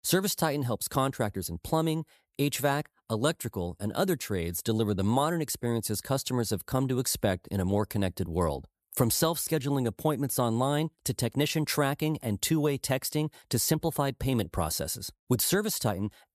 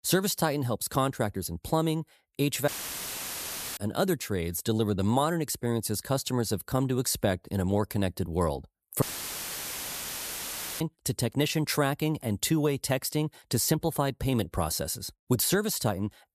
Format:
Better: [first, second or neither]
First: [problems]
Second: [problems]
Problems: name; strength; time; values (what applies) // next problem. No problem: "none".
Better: first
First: none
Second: audio cutting out; filled with static; at 2.5 s for 1 s and at 9 s for 2 s